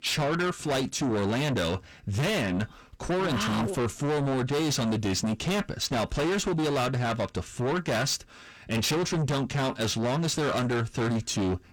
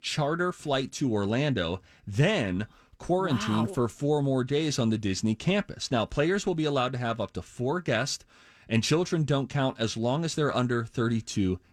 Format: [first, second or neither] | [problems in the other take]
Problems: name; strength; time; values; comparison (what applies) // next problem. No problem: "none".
second | distortion; heavy; 6 dB below the speech